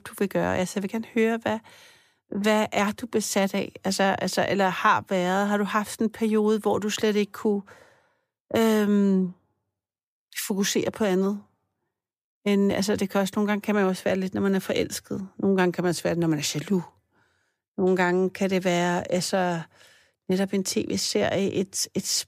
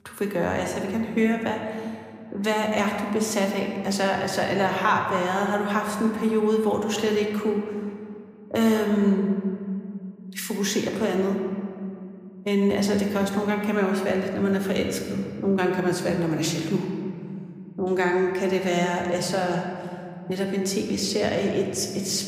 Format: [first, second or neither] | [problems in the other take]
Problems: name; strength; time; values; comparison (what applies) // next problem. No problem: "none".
first | room echo; slight; dies away in 2 s